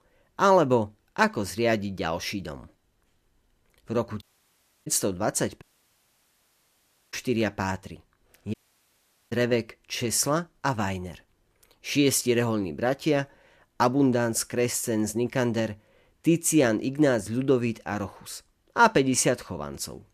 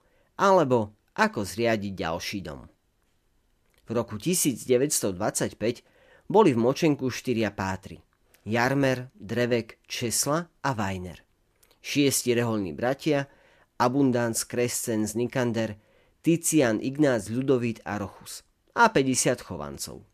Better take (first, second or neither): second